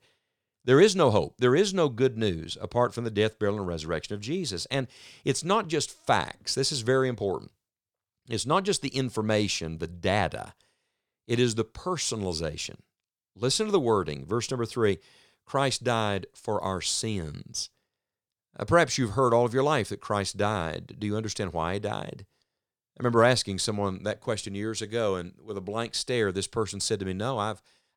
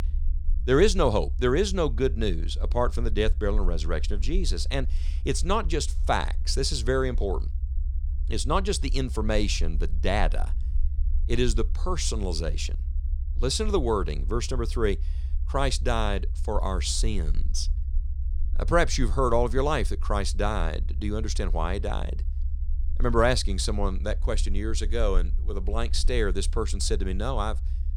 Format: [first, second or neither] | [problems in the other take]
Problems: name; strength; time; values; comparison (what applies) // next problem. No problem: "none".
first | low rumble; faint; throughout; 25 dB below the speech